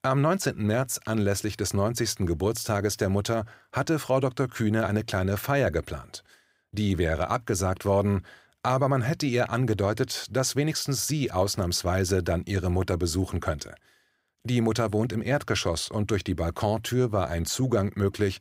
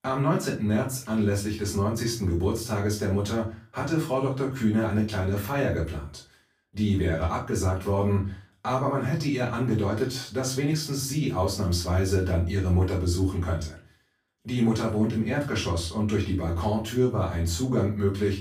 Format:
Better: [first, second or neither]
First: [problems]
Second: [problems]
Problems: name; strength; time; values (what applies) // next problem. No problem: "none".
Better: first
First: none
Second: off-mic speech; far // room echo; slight; dies away in 0.3 s